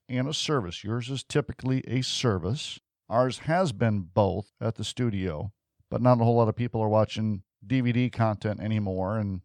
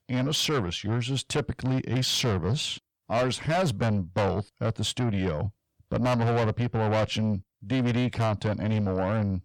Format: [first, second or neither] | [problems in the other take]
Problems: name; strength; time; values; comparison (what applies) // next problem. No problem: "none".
first | distortion; heavy; 6 dB below the speech